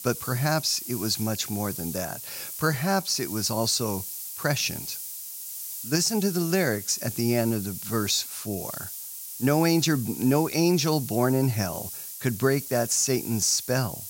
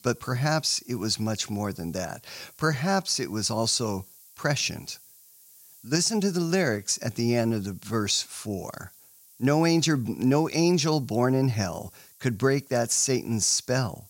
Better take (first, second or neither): second